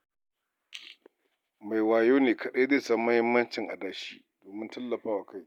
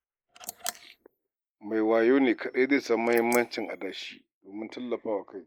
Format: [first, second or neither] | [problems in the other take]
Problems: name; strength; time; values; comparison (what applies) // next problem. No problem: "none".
first | noise reduction (neural mask model Resemble Enhance denoiser)